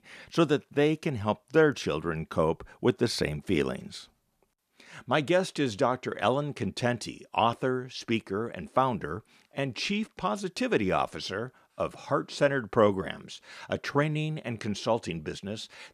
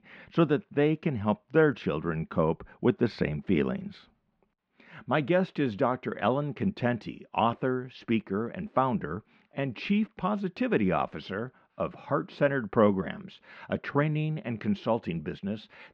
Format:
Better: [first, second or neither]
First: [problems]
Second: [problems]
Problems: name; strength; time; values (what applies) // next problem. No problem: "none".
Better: first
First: none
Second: muffled; slightly; fading above 3 kHz